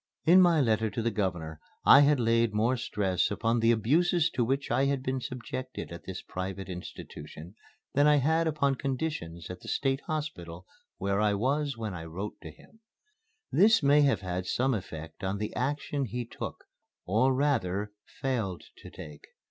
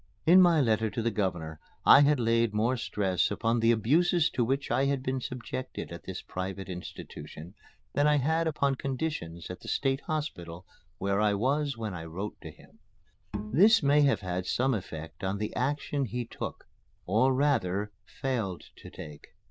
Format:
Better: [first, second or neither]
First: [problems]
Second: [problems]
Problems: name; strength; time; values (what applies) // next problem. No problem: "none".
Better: first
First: none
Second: noise reduction (neural diffusion model UNIVERSE++)